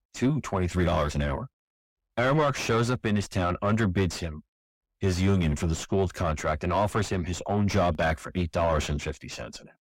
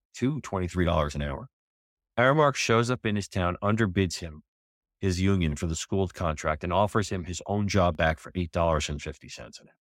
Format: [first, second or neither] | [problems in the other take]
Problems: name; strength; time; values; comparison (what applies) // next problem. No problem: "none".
second | distortion; heavy; 6 dB below the speech